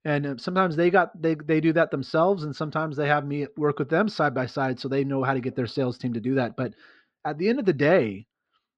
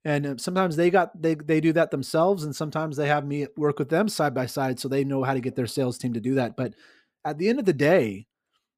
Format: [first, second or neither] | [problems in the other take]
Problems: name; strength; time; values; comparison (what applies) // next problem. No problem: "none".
second | muffled; very slightly; fading above 4.5 kHz